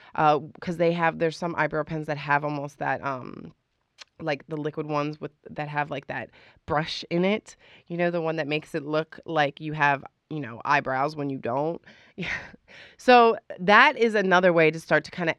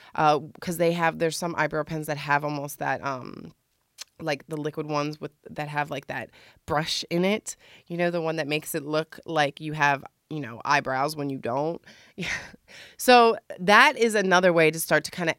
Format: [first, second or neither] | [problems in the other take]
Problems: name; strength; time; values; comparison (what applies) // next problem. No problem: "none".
second | muffled; very slightly; fading above 3.5 kHz